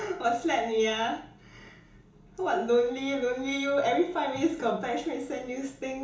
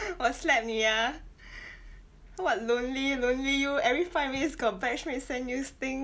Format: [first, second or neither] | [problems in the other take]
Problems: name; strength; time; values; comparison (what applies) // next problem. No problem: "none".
second | room echo; dies away in 0.7 s